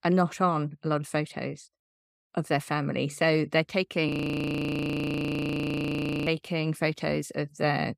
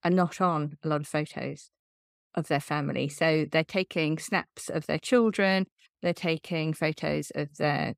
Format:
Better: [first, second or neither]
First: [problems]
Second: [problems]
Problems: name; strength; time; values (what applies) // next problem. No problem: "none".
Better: second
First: audio freezing; at 4 s for 2 s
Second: none